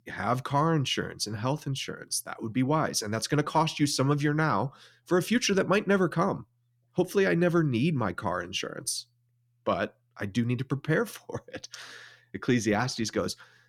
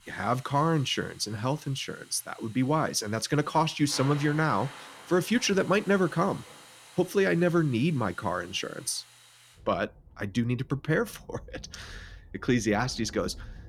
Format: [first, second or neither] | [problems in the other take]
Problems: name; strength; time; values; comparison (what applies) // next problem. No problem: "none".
first | rain or running water; faint; throughout; 20 dB below the speech